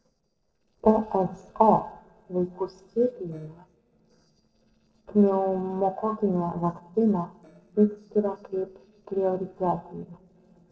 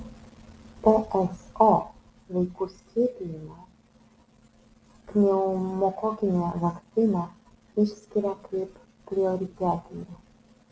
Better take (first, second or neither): second